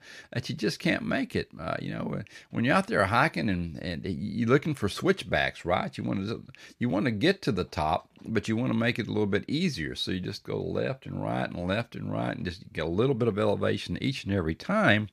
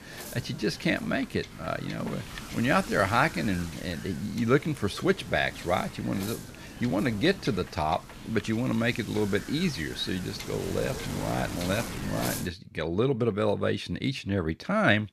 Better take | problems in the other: first | wind noise on the microphone; occasional gusts; until 12 s; 10 dB below the speech

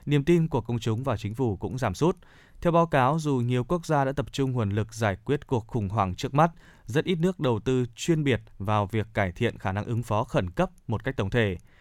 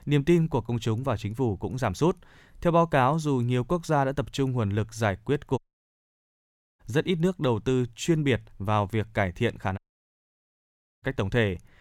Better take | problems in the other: first | audio cutting out; at 5.5 s for 1 s and at 10 s for 1 s

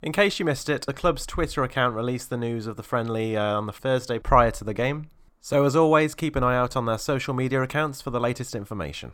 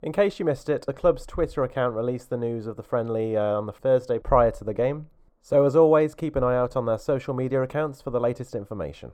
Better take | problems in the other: first | muffled; slightly; fading above 1.5 kHz

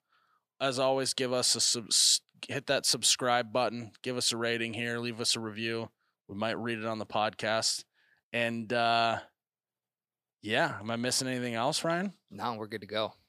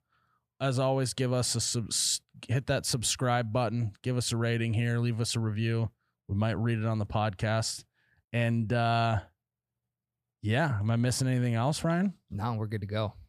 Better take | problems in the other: second | thin; somewhat; fading below 300 Hz

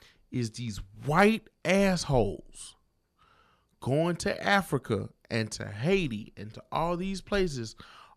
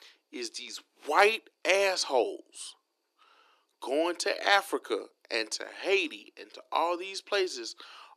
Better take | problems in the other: first | thin; very; fading below 300 Hz

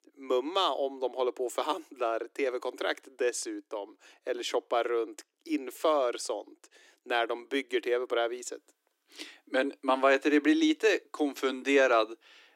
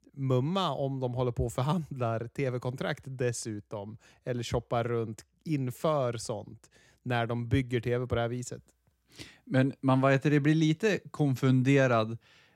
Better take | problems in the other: second | thin; somewhat; fading below 300 Hz

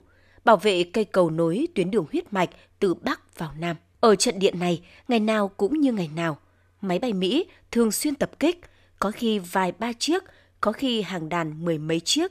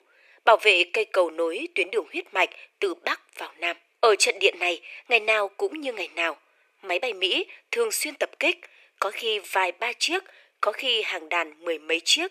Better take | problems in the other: first | thin; very; fading below 400 Hz

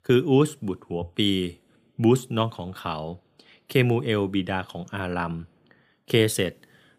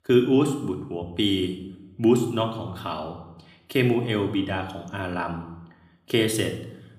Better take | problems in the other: first | room echo; slight; dies away in 0.7 s

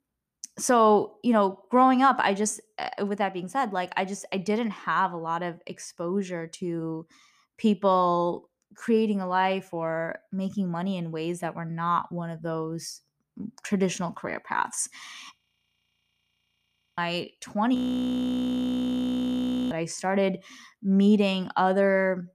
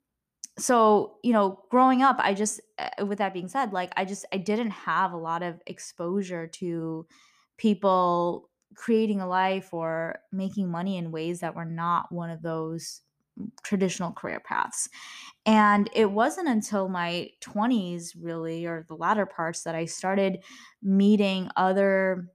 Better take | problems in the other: second | audio freezing; at 15 s for 1.5 s and at 18 s for 2 s

